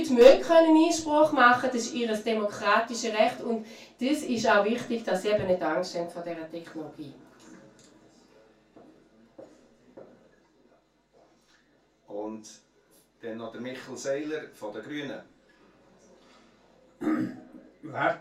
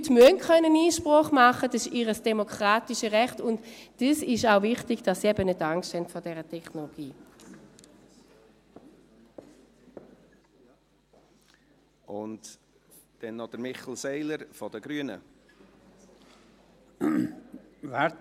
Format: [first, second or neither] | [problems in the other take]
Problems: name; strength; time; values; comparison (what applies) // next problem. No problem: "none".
second | room echo; dies away in 0.2 s